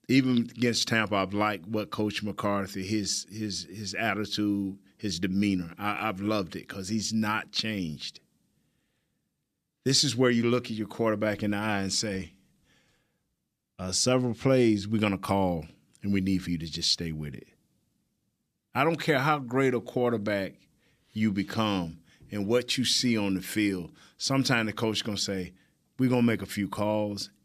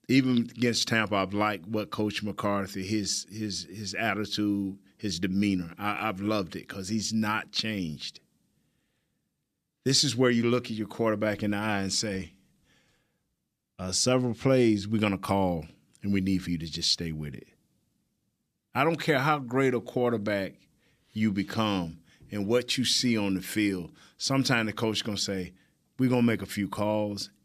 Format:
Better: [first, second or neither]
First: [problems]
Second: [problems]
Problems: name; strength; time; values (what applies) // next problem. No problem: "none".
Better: neither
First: none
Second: none